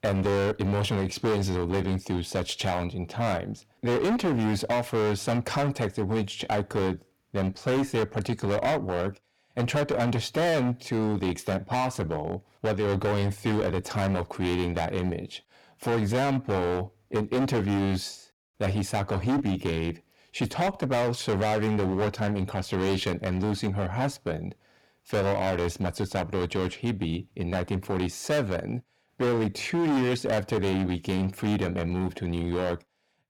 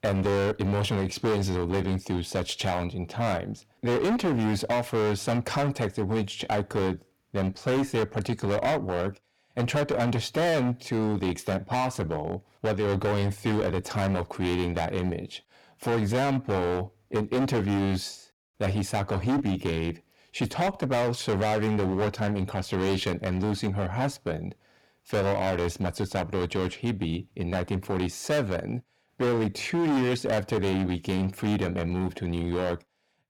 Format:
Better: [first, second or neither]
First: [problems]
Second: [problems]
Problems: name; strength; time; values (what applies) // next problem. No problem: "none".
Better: neither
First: distortion; heavy; 19% of the sound clipped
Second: distortion; heavy; 19% of the sound clipped